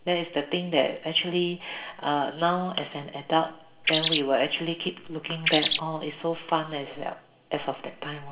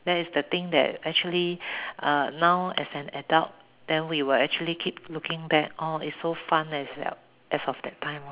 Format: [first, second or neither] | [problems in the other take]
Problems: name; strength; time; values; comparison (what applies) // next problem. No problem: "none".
second | background sound (Bird); 3 dB above the speech // room echo; dies away in 0.6 s